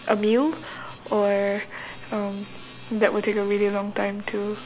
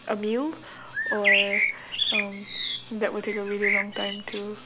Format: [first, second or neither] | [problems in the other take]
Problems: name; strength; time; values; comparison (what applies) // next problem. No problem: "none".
first | background sound (Bird); 3 dB above the speech